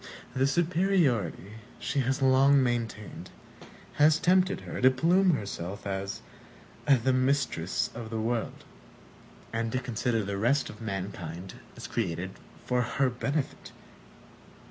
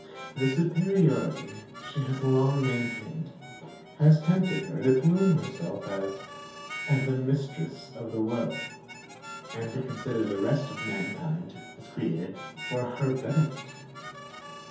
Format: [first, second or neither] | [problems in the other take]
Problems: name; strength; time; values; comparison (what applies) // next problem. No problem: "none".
first | background sound (Harmonica); 14 dB below the speech // room echo; dies away in 0.6 s